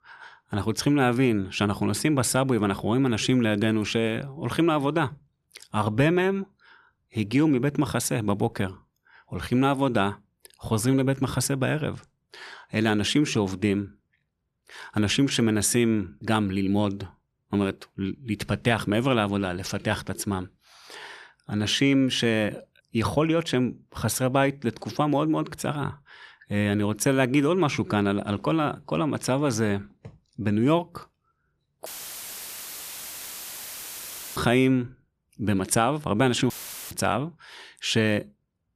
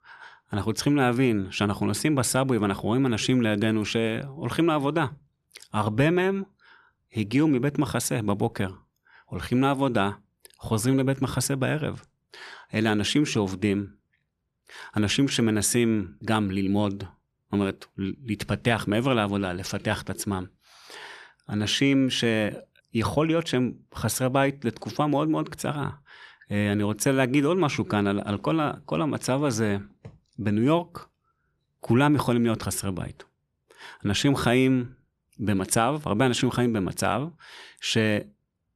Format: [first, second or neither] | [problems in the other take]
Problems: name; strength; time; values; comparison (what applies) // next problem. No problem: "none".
second | audio cutting out; filled with static; at 32 s for 2.5 s and at 37 s